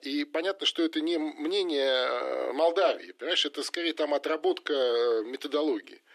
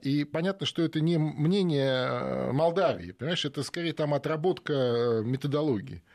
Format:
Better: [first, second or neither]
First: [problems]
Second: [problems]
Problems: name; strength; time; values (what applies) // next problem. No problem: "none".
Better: second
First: thin; somewhat; fading below 300 Hz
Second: none